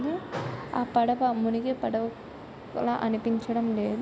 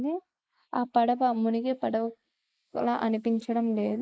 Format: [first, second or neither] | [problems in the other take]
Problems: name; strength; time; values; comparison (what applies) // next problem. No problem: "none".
first | noise reduction (neural mask model Resemble Enhance denoiser)